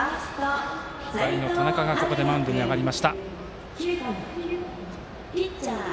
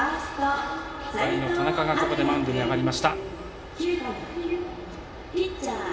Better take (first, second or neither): first